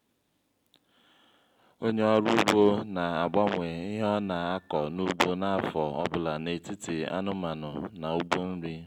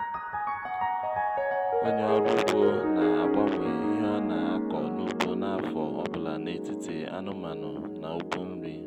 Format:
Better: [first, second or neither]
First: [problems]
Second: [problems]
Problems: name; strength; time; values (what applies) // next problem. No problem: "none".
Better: first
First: none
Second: background sound (Piano); 4 dB above the speech